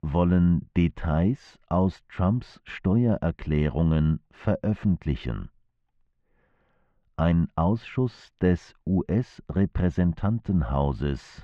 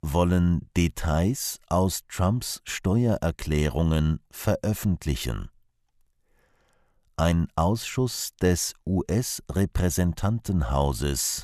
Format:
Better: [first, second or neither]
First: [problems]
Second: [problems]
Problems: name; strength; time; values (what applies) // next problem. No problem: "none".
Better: second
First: muffled; very; fading above 2.5 kHz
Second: none